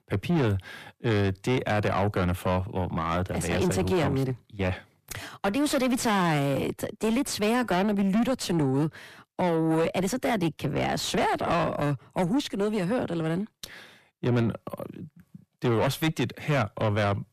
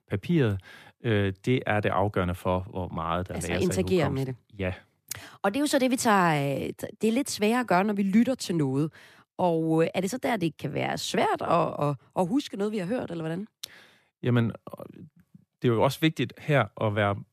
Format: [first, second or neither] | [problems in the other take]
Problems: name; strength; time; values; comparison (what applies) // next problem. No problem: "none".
second | distortion; heavy; 7 dB below the speech